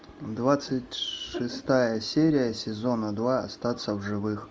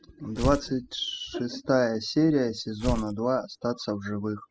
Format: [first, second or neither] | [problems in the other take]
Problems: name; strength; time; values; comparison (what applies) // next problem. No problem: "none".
first | noise reduction (classical method spectral subtraction)